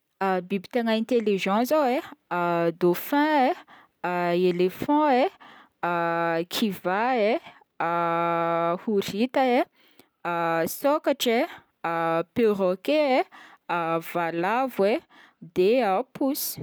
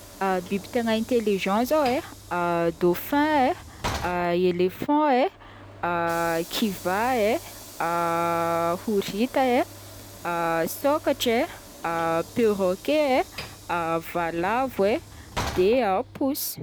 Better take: first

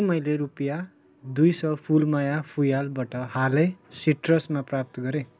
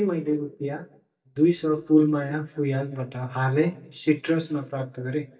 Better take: first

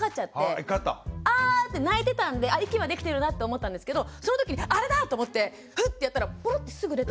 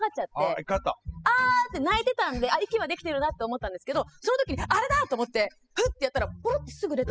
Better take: first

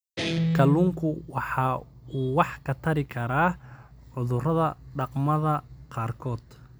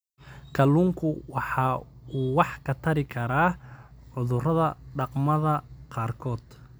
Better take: second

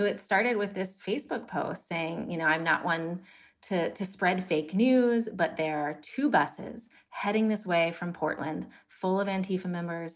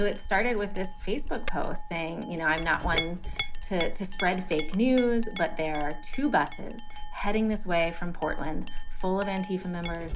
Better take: first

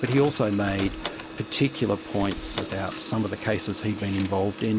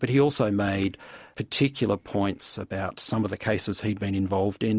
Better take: second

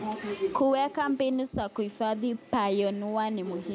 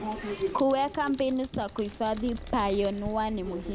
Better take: first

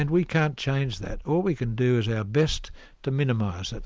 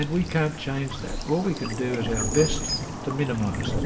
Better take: first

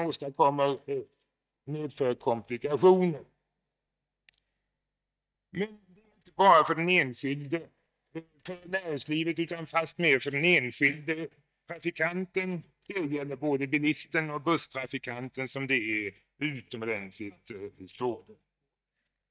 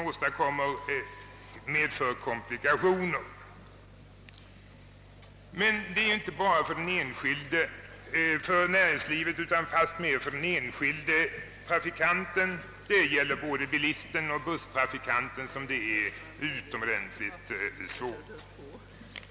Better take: second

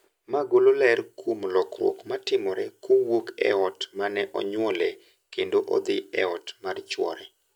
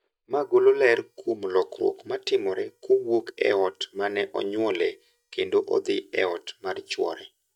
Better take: first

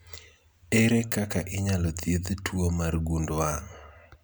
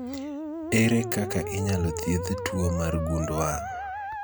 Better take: first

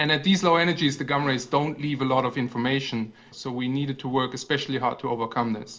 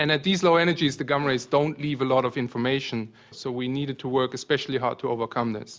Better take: second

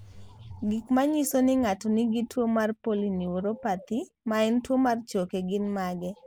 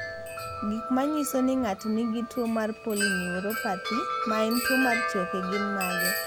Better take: first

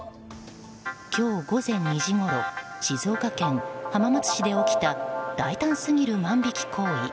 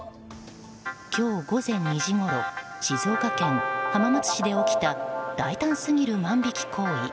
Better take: first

